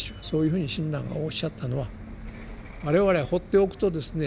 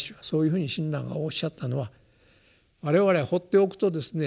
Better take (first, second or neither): second